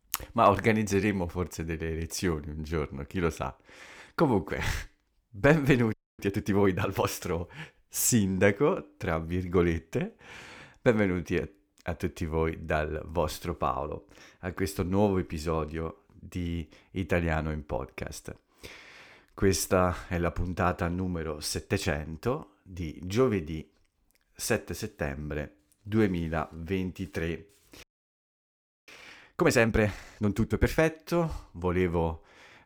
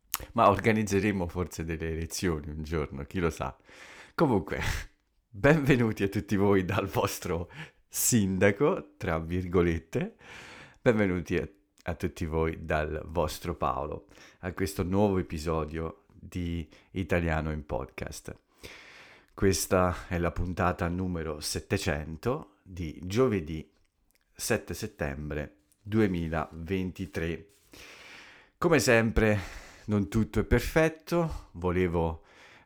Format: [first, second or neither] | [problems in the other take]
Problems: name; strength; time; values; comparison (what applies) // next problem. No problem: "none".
second | audio freezing; at 6 s and at 28 s for 1 s